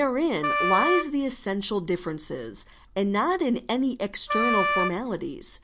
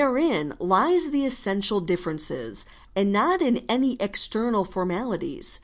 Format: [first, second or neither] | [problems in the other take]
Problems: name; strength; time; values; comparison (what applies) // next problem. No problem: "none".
second | background sound (Wind instrument, woodwind instrument); as loud as the speech